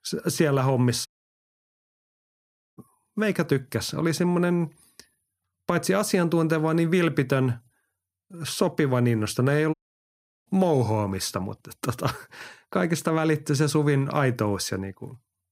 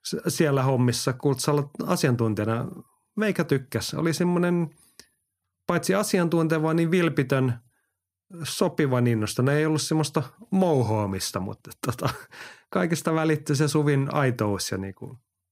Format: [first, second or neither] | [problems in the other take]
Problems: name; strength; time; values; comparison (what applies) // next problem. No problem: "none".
second | audio cutting out; at 1 s for 1.5 s and at 9.5 s for 0.5 s